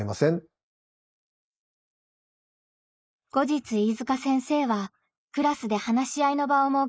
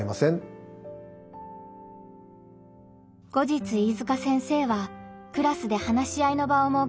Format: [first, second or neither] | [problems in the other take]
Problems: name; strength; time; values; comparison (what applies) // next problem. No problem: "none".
second | noise reduction (neural mask model Resemble Enhance denoiser)